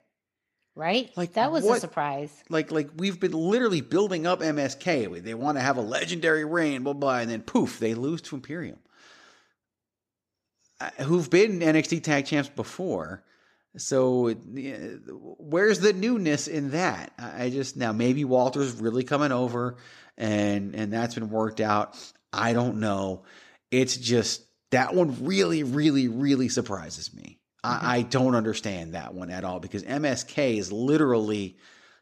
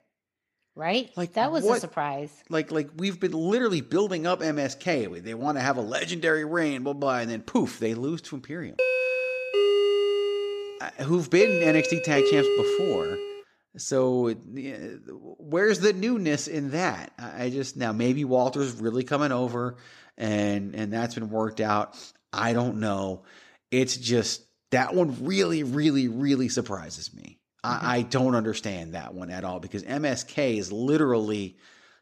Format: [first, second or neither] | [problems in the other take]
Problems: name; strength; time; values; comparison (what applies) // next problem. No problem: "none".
first | doorbell; loud; from 9 to 13 s; peak 5 dB above the speech